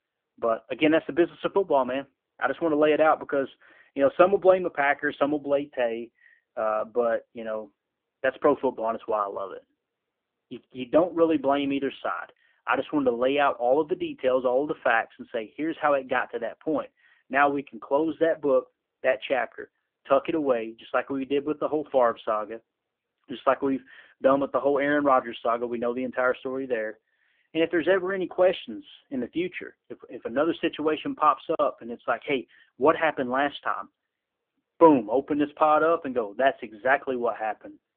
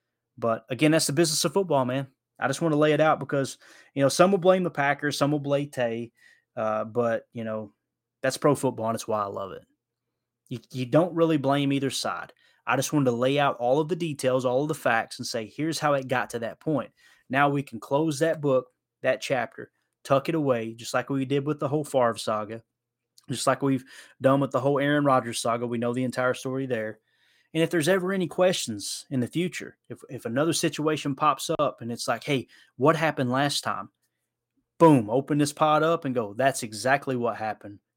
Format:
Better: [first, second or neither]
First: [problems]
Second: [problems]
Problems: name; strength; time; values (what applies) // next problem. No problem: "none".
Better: second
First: phone-call audio; poor line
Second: none